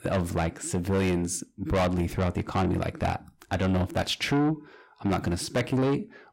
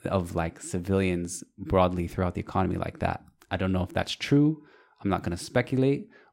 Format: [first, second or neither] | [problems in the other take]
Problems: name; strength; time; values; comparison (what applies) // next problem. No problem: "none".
second | distortion; heavy; 7 dB below the speech